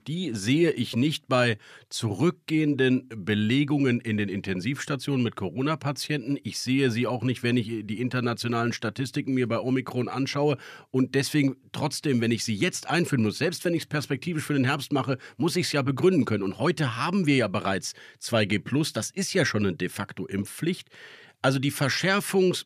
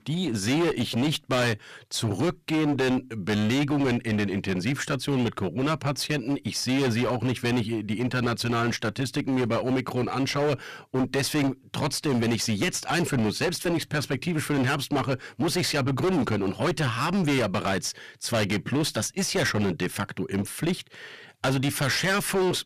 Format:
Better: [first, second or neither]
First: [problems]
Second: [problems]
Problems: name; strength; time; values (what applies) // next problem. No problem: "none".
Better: first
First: none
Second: distortion; heavy; 22% of the sound clipped